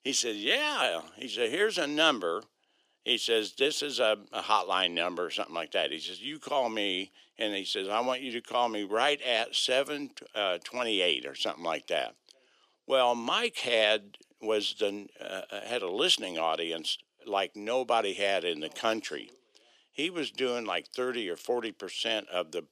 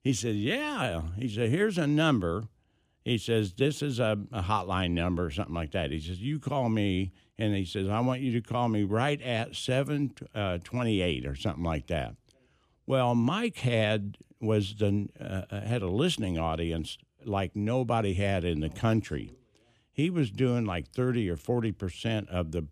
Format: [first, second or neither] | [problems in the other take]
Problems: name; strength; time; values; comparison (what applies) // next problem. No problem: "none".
second | thin; very; fading below 400 Hz